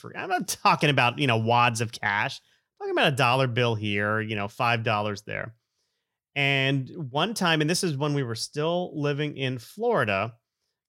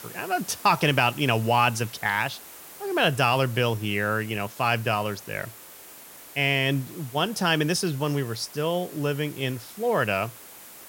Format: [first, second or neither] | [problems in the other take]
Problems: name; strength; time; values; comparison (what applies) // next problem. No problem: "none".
first | hiss; noticeable; throughout; 15 dB below the speech